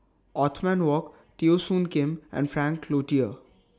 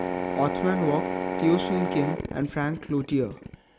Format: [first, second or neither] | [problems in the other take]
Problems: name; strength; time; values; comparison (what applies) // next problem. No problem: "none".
first | background sound (Drill); 3 dB below the speech